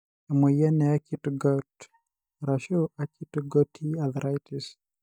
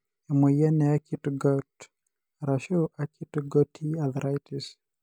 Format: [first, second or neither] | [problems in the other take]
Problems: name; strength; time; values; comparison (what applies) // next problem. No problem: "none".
second | noise reduction (neural mask model DeepFilterNet 3)